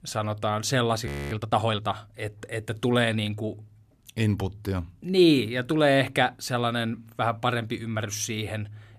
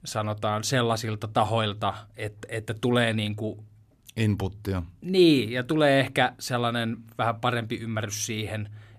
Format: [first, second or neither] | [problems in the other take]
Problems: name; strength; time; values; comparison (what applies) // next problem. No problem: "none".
second | audio freezing; at 1 s